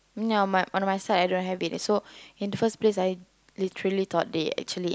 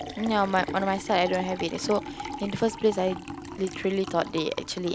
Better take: first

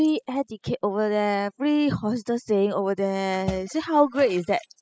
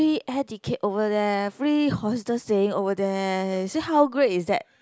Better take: second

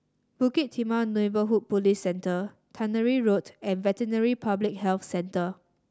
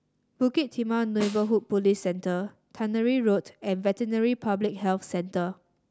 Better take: first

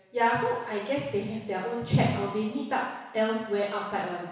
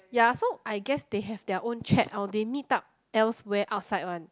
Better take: second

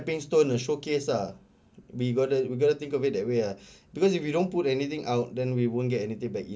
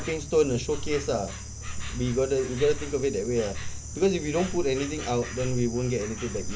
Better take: first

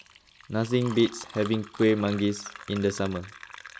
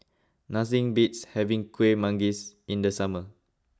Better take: second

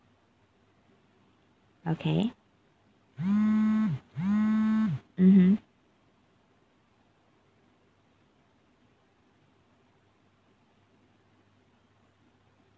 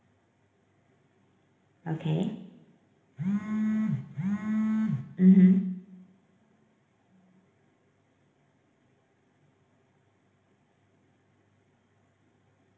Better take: first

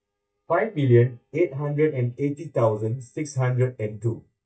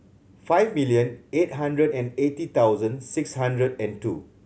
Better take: second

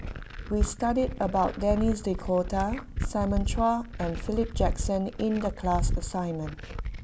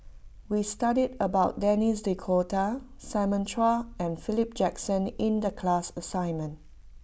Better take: second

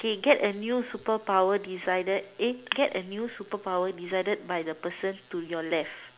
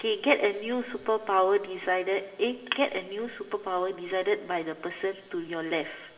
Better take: first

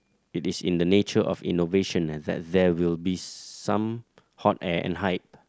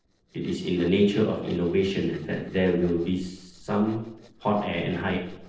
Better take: first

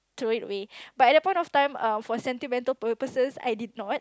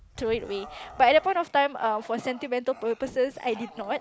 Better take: first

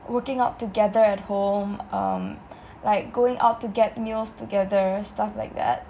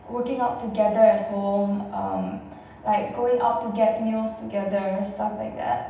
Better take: first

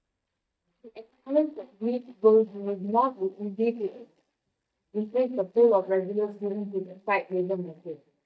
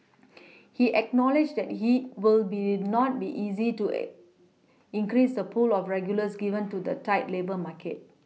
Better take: second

